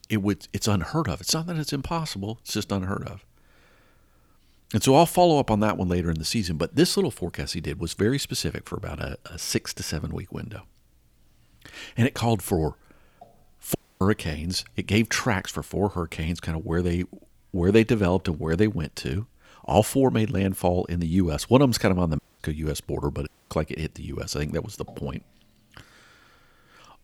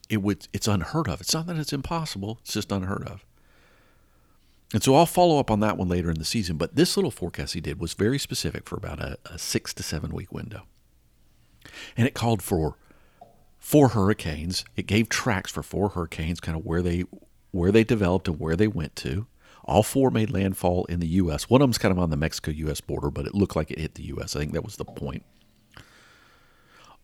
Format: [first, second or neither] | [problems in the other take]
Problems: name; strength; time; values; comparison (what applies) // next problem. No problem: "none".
second | audio cutting out; at 14 s, at 22 s and at 23 s